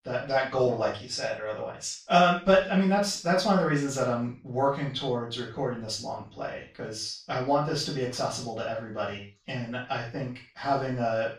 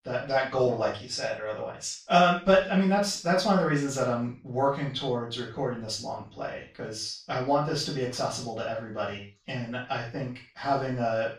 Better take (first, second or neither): neither